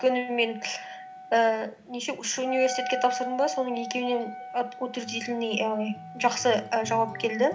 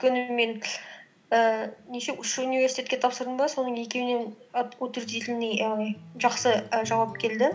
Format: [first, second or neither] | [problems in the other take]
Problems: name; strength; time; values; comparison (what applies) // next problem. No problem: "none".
second | background sound (Wind instrument, woodwind instrument); 11 dB below the speech